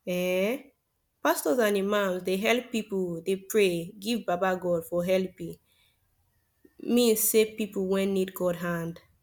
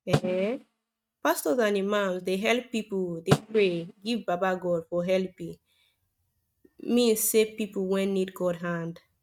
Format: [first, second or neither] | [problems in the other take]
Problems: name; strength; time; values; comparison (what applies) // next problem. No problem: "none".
first | noise reduction (neural mask model RNNoise)